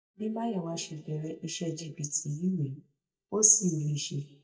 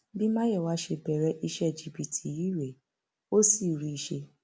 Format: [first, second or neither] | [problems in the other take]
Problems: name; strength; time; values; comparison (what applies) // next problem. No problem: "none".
second | noise reduction (neural mask model DeepFilterNet 3)